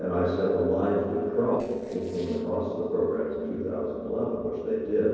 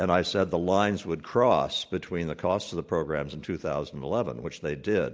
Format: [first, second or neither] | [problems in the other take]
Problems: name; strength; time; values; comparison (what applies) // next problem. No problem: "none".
second | noise reduction (neural separator model SepFormer DNS4)